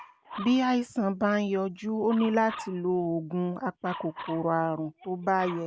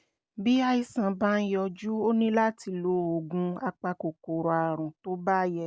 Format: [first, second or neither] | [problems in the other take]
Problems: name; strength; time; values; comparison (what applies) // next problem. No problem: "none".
second | background sound (Dog); 17 dB below the speech